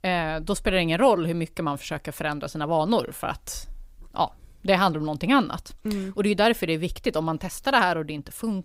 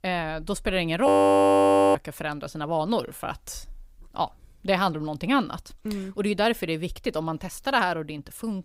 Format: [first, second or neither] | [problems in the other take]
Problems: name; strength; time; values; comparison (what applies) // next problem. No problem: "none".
first | audio freezing; at 1 s for 1 s